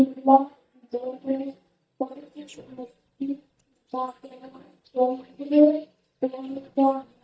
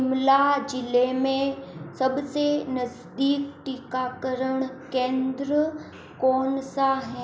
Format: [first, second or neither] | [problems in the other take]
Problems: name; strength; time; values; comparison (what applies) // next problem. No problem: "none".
second | noise reduction (neural mask model DeepFilterNet 3)